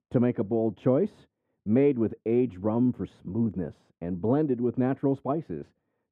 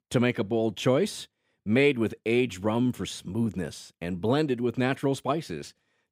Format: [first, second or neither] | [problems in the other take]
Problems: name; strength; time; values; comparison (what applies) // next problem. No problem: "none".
second | muffled; very; fading above 2 kHz